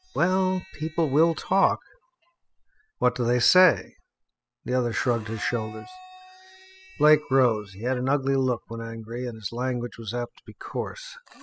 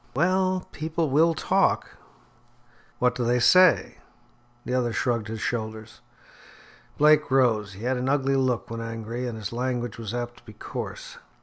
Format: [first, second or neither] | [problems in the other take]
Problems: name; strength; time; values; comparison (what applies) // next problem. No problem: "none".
second | noise reduction (classical method spectral subtraction)